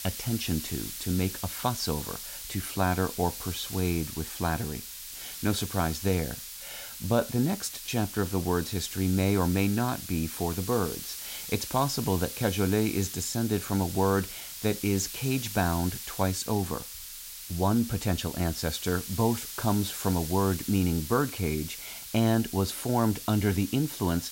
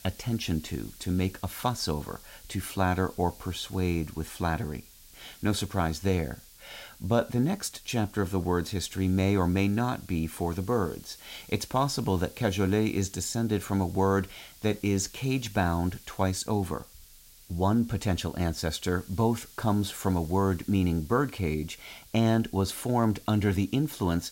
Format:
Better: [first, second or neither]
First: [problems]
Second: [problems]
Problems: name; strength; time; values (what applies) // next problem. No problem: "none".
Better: second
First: hiss; loud; throughout; 8 dB below the speech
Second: hiss; faint; throughout; 20 dB below the speech